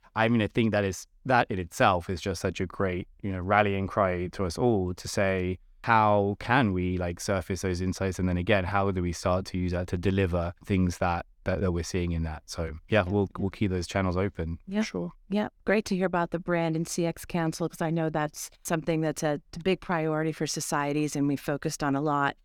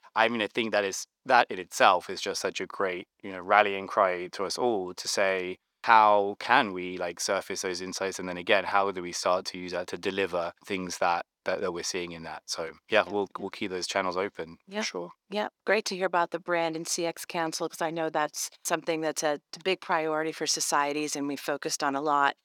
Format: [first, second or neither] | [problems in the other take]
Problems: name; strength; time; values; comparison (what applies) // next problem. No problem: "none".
first | thin; somewhat; fading below 400 Hz